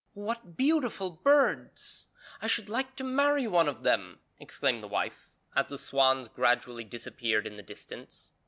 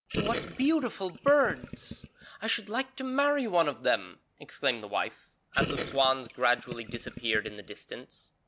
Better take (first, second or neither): first